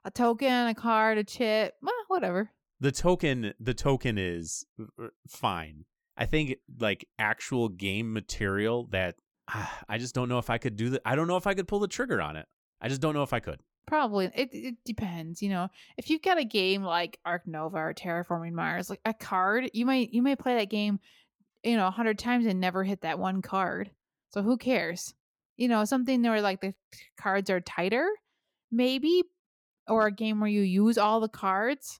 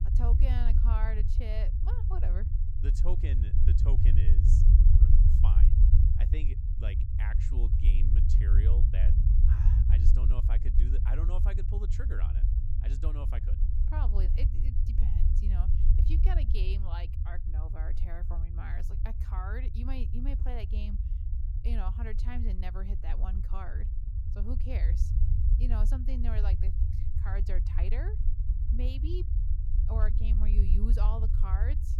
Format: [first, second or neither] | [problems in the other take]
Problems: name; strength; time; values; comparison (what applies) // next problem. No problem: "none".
first | low rumble; loud; throughout; 2 dB below the speech